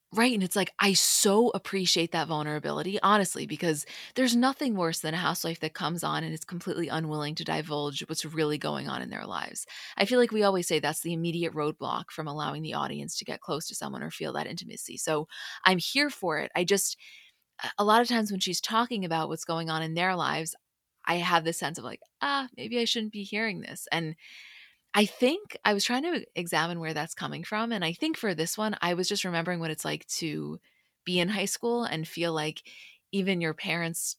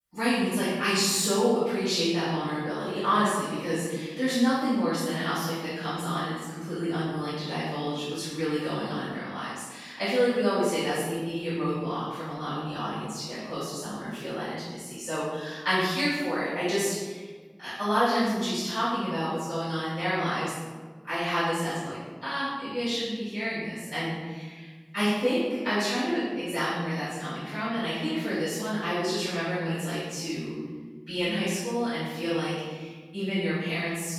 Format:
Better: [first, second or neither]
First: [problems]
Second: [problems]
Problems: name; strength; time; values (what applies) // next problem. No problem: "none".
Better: first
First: none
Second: off-mic speech; far // room echo; strong; dies away in 1.3 s